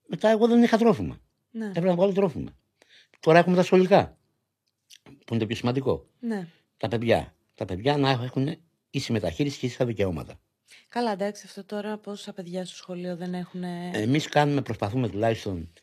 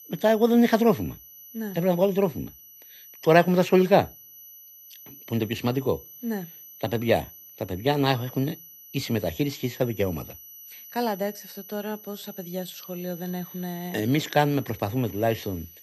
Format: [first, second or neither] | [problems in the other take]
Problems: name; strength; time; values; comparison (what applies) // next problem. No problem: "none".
first | high-pitched whine; noticeable; throughout; 12 kHz, 20 dB below the speech